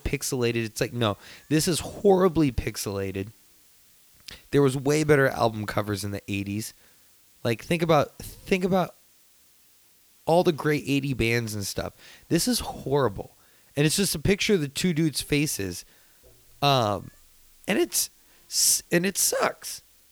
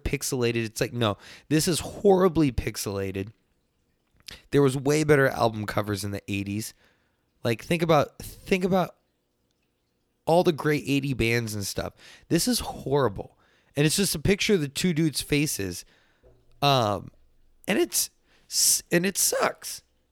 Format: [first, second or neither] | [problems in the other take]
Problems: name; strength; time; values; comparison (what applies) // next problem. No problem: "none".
second | hiss; faint; throughout; 30 dB below the speech